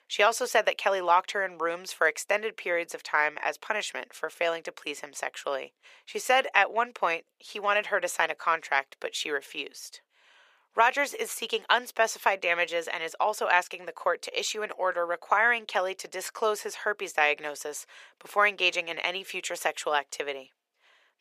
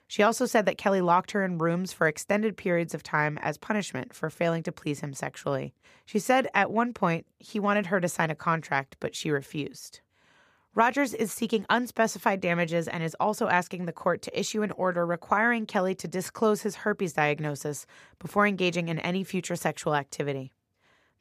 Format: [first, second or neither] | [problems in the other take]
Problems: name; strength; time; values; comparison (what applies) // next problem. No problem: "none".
second | thin; very; fading below 500 Hz